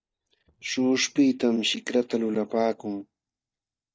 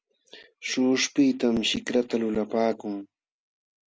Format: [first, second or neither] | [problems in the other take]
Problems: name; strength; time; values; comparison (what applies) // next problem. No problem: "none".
second | noise reduction (neural mask model DeepFilterNet 3)